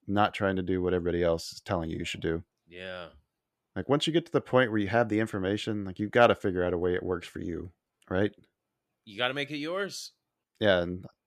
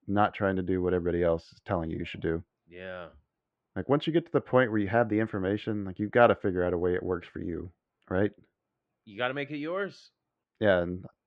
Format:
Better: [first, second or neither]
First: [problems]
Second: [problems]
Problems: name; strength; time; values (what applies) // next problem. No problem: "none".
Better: first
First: none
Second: muffled; very; fading above 2 kHz